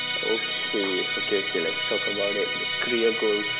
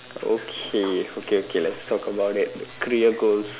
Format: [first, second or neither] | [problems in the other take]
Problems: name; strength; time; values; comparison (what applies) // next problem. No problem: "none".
second | background sound (Musical instrument); as loud as the speech